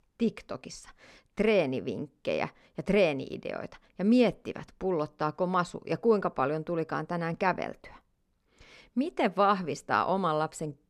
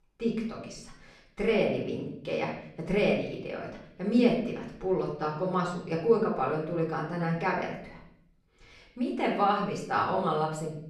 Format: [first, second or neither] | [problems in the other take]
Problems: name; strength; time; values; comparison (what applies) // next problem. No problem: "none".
first | room echo; noticeable; dies away in 0.7 s // off-mic speech; far